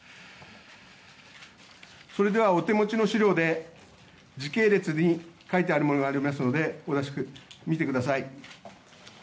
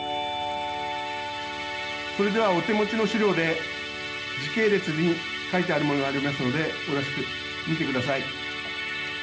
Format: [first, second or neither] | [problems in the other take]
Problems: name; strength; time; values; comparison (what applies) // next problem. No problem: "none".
first | background sound (Musical instrument); 4 dB below the speech